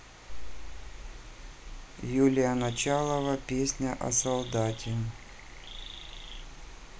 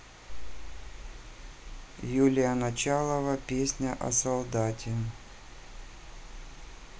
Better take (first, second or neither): second